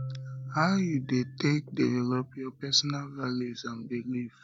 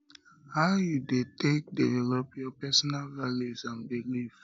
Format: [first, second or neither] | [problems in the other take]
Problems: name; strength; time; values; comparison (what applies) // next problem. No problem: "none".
second | background sound (Marimba, xylophone); 14 dB below the speech